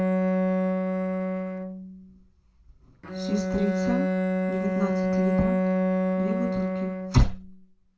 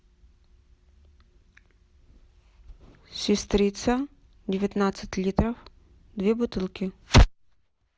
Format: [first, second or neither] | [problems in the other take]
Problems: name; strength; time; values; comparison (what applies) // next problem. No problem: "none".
second | background sound (Bowed string instrument); 4 dB above the speech // room echo; dies away in 0.3 s